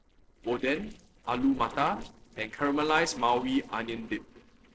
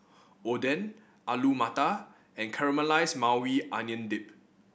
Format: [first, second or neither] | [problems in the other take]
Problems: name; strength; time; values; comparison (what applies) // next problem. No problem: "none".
second | noise reduction (neural separator model SepFormer DNS4)